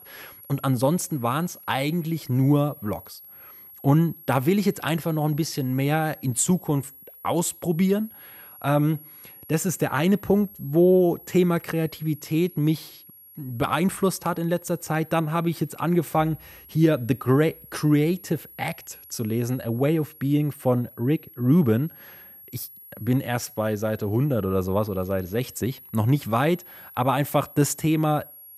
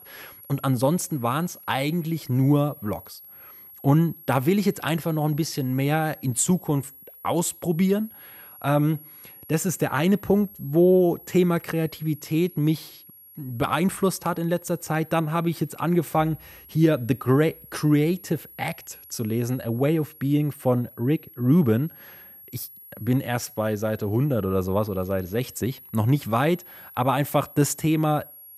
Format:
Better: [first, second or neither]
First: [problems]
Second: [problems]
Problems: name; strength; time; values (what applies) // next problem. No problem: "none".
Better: neither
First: high-pitched whine; noticeable; throughout; 11.5 kHz, 20 dB below the speech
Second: high-pitched whine; noticeable; throughout; 11.5 kHz, 20 dB below the speech